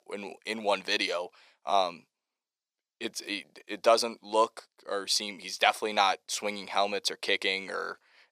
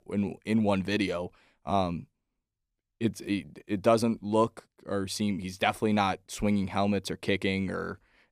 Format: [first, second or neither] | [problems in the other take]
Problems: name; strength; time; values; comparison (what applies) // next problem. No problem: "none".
second | thin; very; fading below 650 Hz